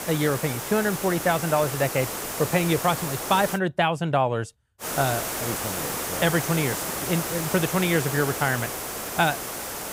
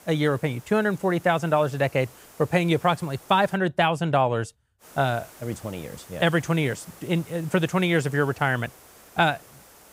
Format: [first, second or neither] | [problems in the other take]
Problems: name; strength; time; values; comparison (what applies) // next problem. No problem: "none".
second | hiss; loud; until 3.5 s and from 5 s on; 4 dB below the speech; faint in the second